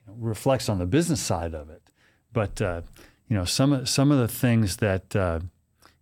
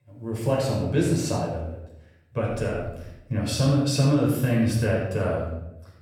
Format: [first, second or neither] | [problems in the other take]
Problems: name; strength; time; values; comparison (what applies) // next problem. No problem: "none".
first | off-mic speech; far // room echo; noticeable; dies away in 0.7 s